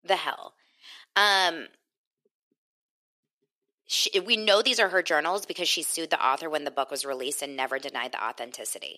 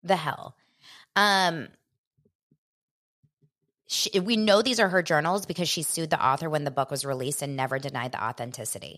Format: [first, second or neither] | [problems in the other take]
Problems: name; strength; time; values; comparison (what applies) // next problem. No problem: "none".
second | thin; somewhat; fading below 300 Hz